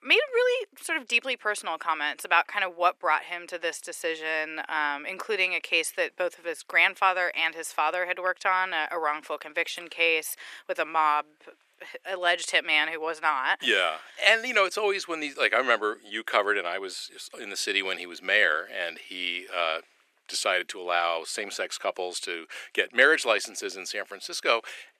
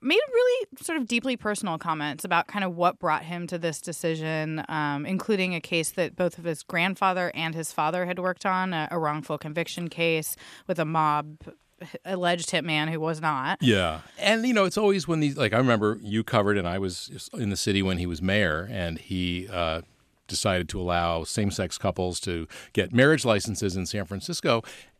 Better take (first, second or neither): second